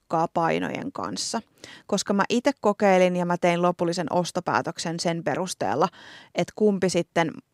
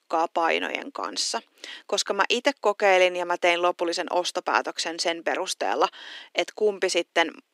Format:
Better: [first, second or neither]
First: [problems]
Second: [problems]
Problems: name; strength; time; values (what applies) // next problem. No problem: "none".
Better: first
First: none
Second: thin; somewhat; fading below 300 Hz